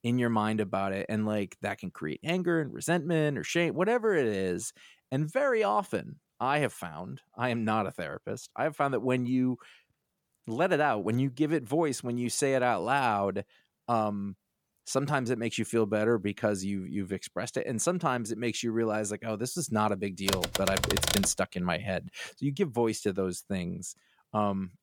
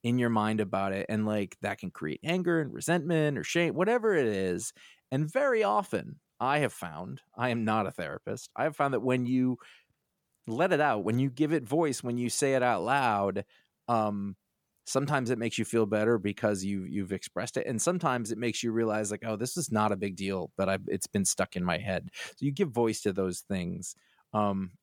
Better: second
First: keyboard typing; loud; at 20 s; peak 3 dB above the speech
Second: none

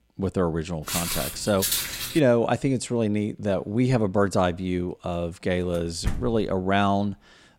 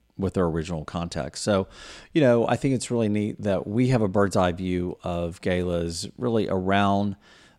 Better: second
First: footsteps; loud; from 1 to 2 s; peak 1 dB above the speech // door banging; noticeable; at 6 s; peak 7 dB below the speech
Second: none

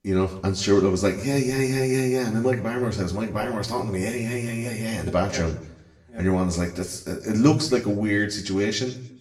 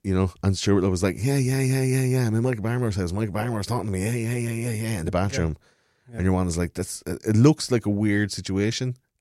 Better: second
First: room echo; slight; dies away in 0.6 s // off-mic speech; far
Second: none

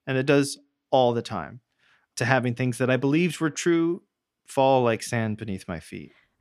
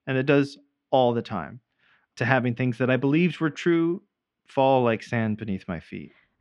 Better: first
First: none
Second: muffled; slightly; fading above 3 kHz

